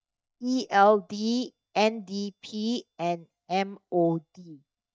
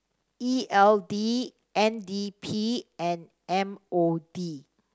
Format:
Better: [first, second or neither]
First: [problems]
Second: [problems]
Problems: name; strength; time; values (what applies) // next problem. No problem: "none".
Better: second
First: noise reduction (neural mask model DeepFilterNet 3)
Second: none